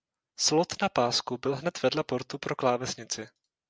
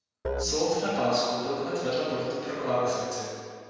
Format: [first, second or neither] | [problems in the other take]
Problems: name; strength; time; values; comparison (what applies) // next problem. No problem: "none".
first | background sound (Musical instrument); 10 dB below the speech // room echo; dies away in 1.9 s